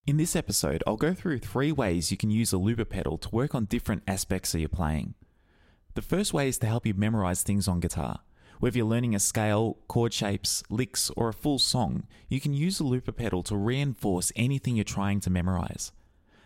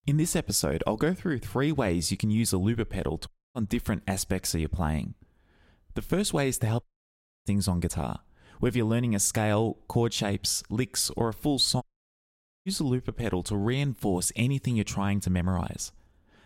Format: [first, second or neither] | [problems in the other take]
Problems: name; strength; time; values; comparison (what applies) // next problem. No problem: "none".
first | audio cutting out; at 3.5 s, at 7 s for 0.5 s and at 12 s for 1 s